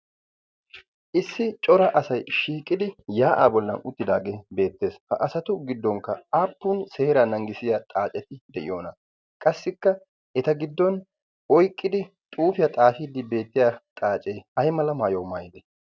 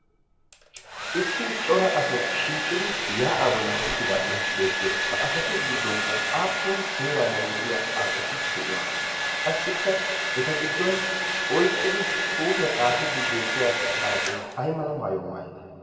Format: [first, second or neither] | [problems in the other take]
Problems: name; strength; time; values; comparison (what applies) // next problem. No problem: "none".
first | background sound (Domestic sounds, home sounds); 1 dB above the speech // room echo; dies away in 2.2 s